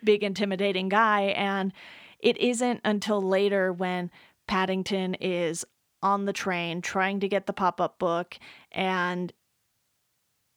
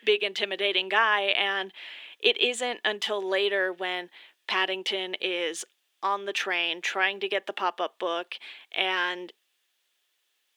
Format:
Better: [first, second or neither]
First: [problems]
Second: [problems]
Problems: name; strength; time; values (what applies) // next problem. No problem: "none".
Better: first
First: none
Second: thin; very; fading below 350 Hz